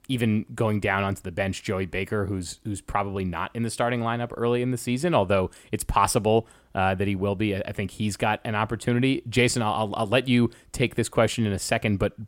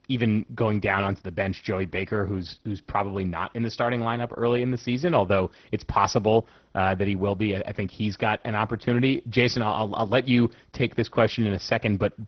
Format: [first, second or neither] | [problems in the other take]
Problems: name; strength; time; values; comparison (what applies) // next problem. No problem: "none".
first | garbled, watery; badly; nothing above 6 kHz